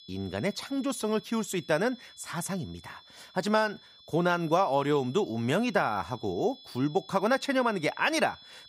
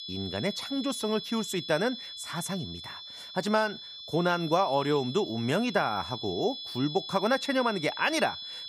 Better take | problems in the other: first | high-pitched whine; loud; throughout; 3.5 kHz, 9 dB below the speech; faint in the first

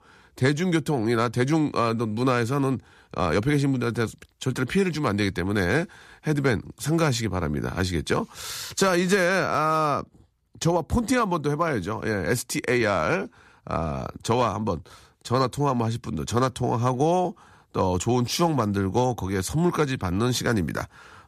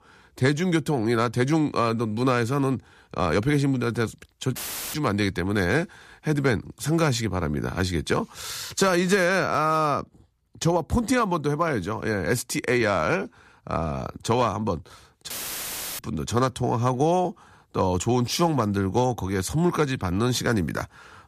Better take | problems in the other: first | audio cutting out; filled with static; at 4.5 s and at 15 s for 0.5 s

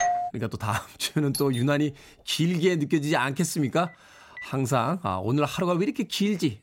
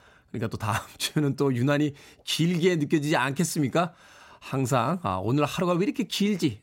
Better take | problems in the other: second | doorbell; noticeable; at the start and at 1.5 s; peak level with the speech // phone ringing; faint; at 4 s; peak 15 dB below the speech

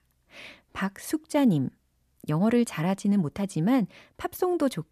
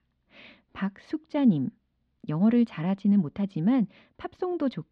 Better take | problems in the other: first | muffled; slightly; fading above 4 kHz

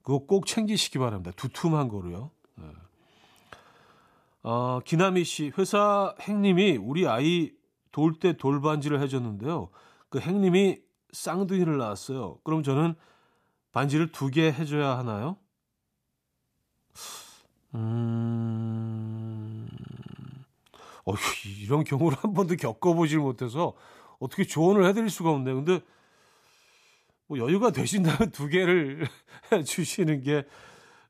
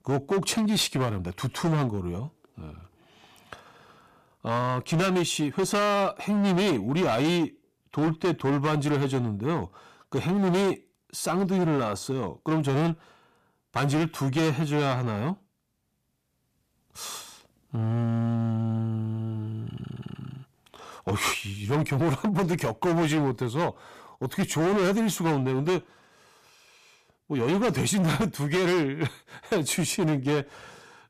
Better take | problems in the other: first | distortion; heavy; 14% of the sound clipped

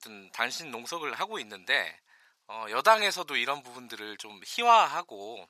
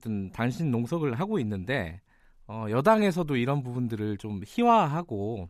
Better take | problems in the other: second | thin; very; fading below 1 kHz

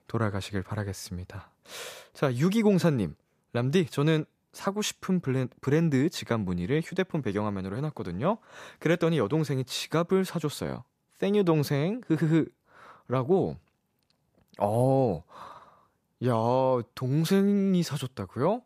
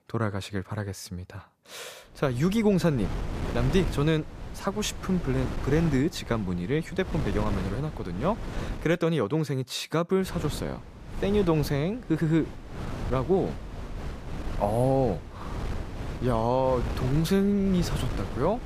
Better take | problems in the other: first | wind noise on the microphone; occasional gusts; from 2 to 9 s and from 10 s on; 10 dB below the speech

